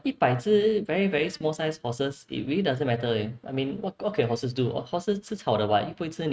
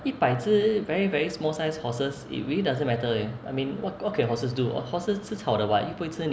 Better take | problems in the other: second | noise reduction (neural mask model RNNoise)

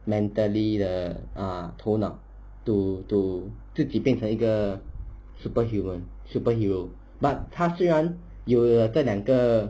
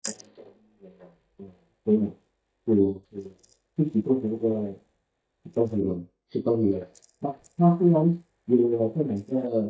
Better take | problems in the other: first | noise reduction (neural mask model DeepFilterNet 3)

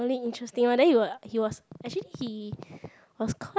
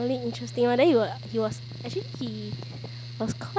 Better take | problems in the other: first | background sound (Mechanical fan); 11 dB below the speech

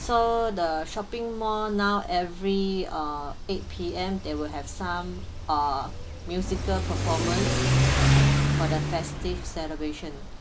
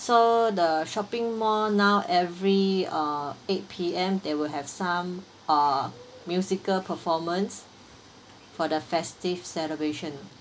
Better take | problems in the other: second | background sound (Accelerating, revving, vroom / Car); 1 dB above the speech

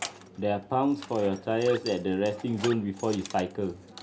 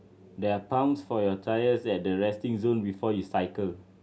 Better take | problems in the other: second | background sound (Animal + Keys jangling); 15 dB below the speech

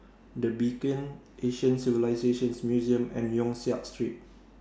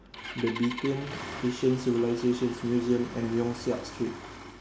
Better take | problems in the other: first | background sound (Engine starting); 12 dB below the speech

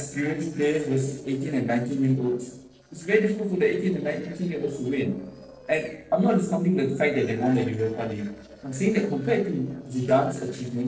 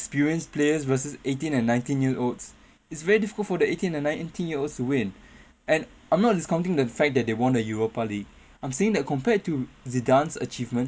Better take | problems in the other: second | noise reduction (neural separator model SepFormer DNS4)

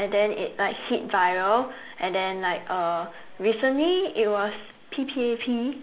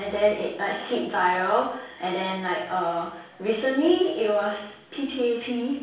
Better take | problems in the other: first | room echo; dies away in 0.6 s

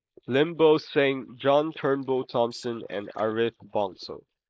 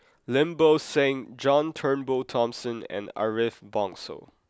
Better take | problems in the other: second | noise reduction (neural mask model Resemble Enhance denoiser)

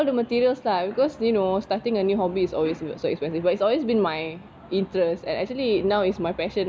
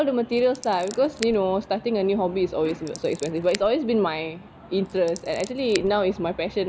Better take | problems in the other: first | background sound (Scissors); 17 dB below the speech

